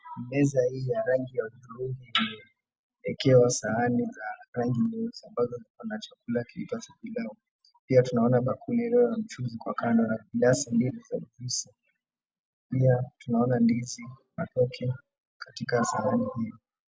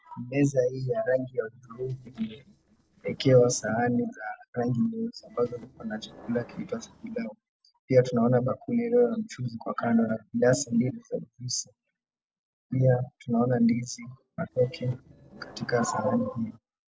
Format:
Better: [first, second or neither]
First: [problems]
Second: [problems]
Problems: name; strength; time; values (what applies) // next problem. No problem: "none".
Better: first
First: none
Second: noise reduction (neural separator model SepFormer DNS4)